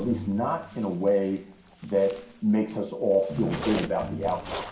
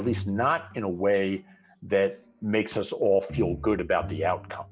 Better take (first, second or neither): second